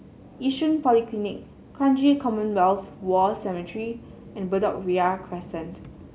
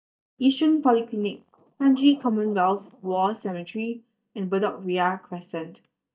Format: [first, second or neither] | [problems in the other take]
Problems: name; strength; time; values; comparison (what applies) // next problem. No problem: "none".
first | noise reduction (neural mask model DeepFilterNet 3)